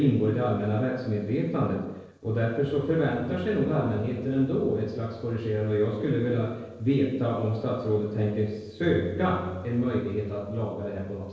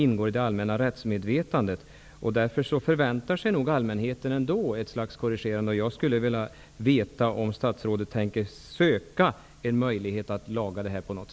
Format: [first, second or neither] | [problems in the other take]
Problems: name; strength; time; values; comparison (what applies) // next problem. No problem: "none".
second | noise reduction (neural separator model SepFormer DNS4)